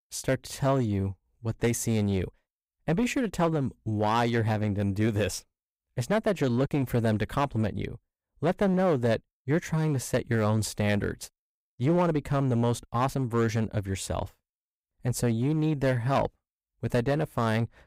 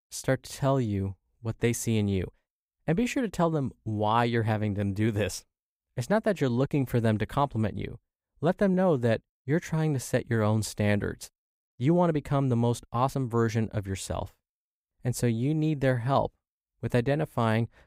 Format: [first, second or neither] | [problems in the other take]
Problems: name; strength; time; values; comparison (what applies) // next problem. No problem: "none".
second | distortion; slight; 7% of the sound clipped